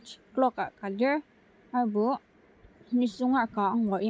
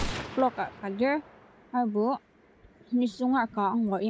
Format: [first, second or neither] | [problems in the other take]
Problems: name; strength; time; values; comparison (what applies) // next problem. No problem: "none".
first | background sound (Gunshot, gunfire); 13 dB below the speech